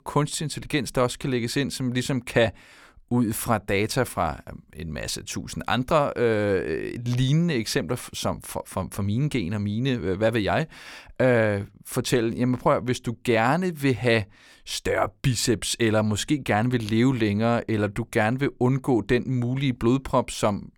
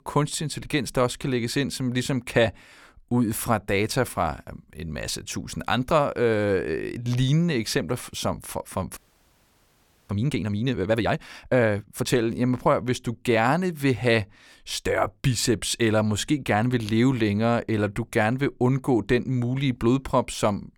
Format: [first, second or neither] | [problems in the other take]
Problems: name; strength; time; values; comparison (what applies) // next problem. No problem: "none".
first | audio freezing; at 9 s for 1 s